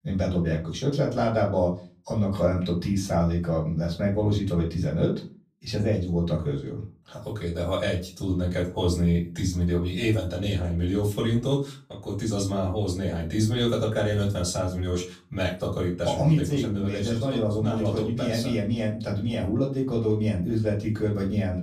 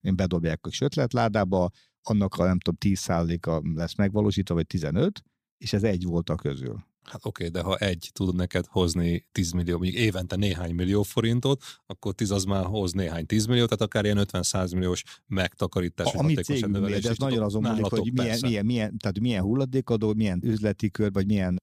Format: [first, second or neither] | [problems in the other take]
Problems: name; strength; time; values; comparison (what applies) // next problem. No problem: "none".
second | off-mic speech; far // room echo; slight; dies away in 0.3 s